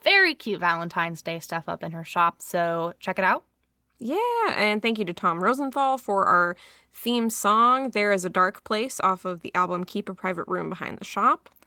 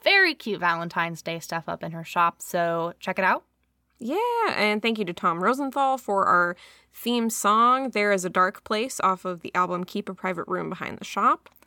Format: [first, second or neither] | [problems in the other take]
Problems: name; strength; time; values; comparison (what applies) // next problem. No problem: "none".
second | garbled, watery; slightly; nothing above 17.5 kHz